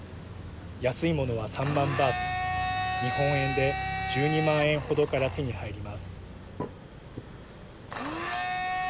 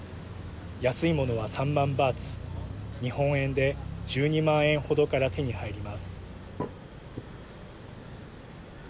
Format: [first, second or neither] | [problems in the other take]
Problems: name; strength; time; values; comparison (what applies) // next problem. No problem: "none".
second | background sound (Domestic sounds, home sounds); 4 dB below the speech